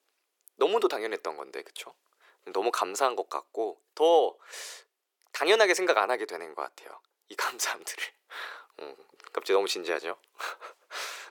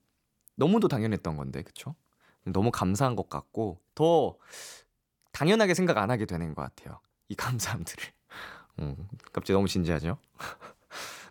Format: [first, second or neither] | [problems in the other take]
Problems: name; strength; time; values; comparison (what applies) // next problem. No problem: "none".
second | thin; very; fading below 400 Hz